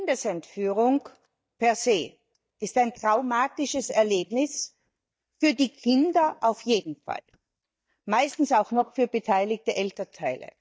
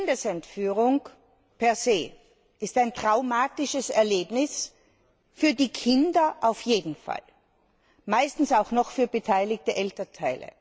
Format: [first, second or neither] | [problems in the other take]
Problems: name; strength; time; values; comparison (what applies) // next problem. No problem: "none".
second | noise reduction (neural mask model DeepFilterNet 3)